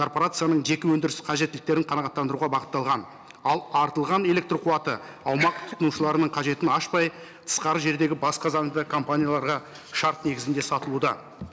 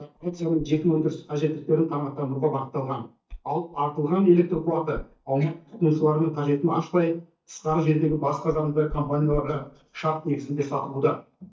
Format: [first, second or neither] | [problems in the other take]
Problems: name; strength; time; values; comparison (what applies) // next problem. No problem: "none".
first | noise reduction (neural mask model DeepFilterNet 3)